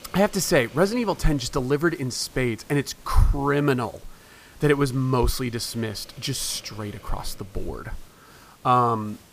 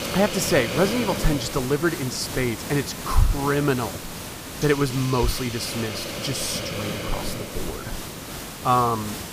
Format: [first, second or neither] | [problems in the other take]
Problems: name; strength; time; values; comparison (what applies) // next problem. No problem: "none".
first | hiss; loud; throughout; 6 dB below the speech; faint in the first